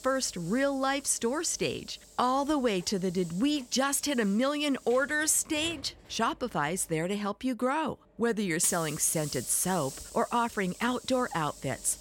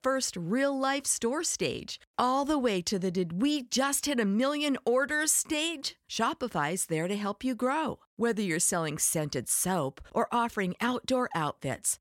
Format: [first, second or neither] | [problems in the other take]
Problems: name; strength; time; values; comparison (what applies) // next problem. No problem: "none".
second | hiss; noticeable; throughout; 15 dB below the speech